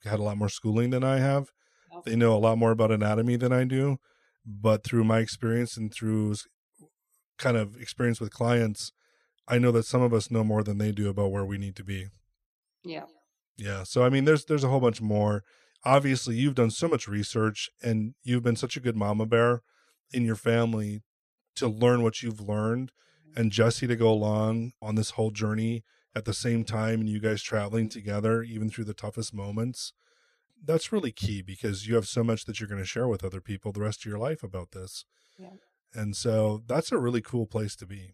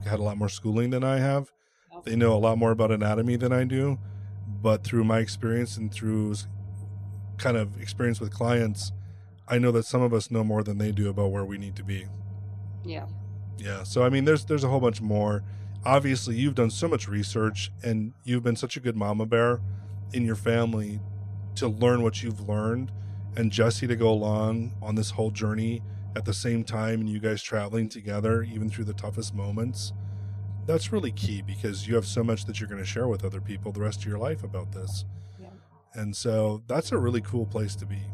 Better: first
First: none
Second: low rumble; faint; throughout; 20 dB below the speech

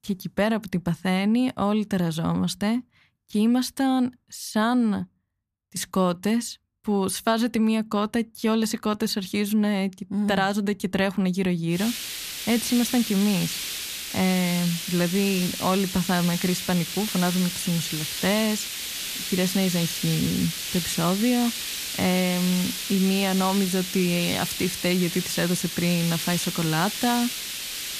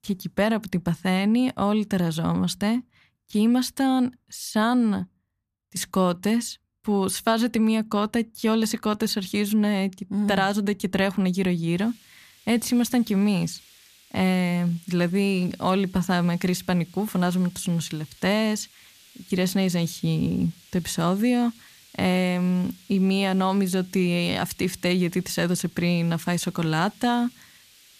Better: second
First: hiss; loud; from 12 s on; 5 dB below the speech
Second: hiss; faint; from 12 s on; 25 dB below the speech

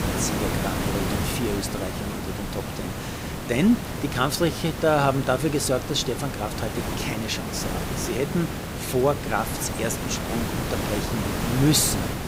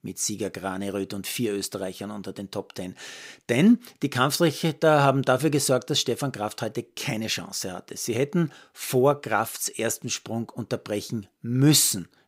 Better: second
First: hiss; loud; throughout; 3 dB below the speech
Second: none

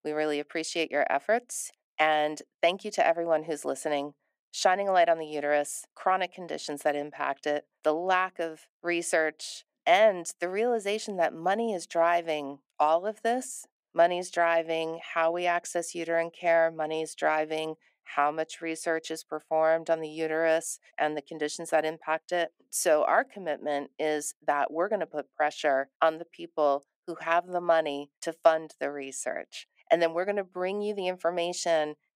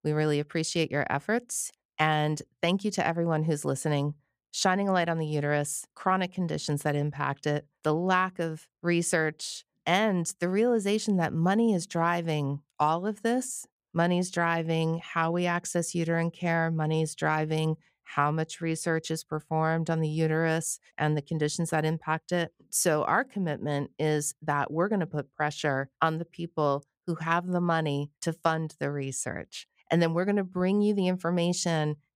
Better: second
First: thin; very; fading below 300 Hz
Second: none

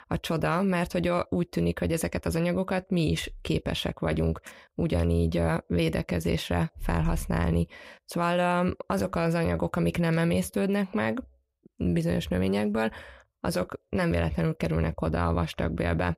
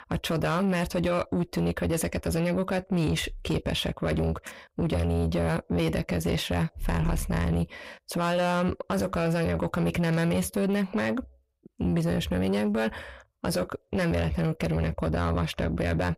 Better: first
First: none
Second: distortion; slight; 10 dB below the speech

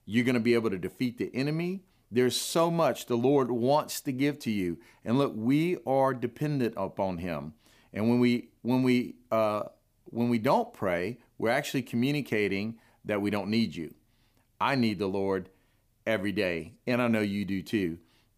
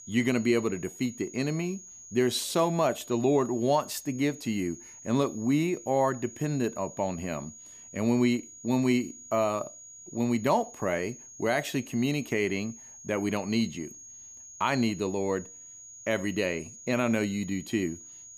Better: first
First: none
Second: high-pitched whine; noticeable; throughout; 6.5 kHz, 15 dB below the speech

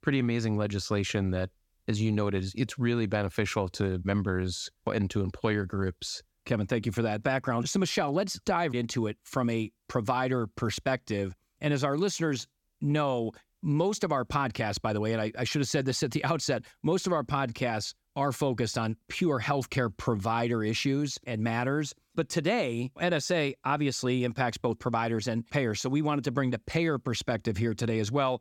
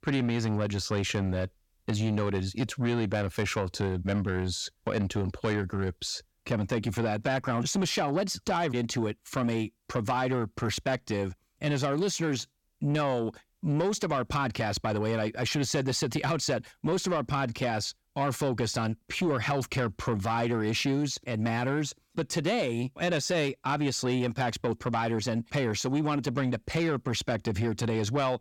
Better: first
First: none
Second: distortion; slight; 10 dB below the speech

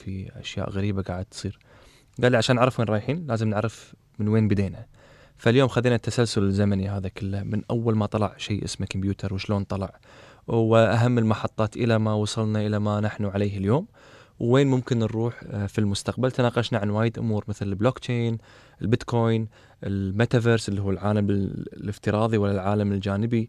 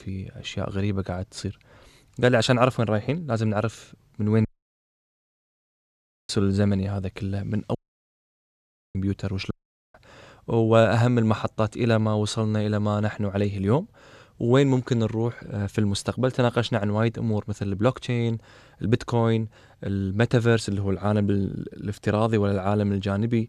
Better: first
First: none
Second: audio cutting out; at 4.5 s for 2 s, at 8 s for 1 s and at 9.5 s

